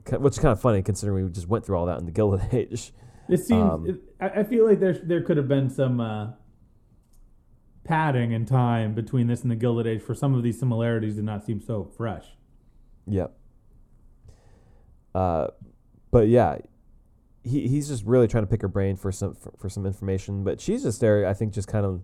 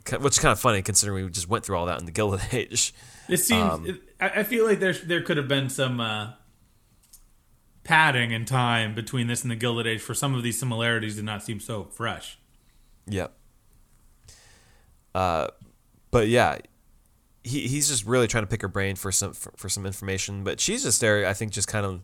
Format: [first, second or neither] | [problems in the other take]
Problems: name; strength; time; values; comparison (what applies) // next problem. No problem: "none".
second | muffled; very; fading above 1 kHz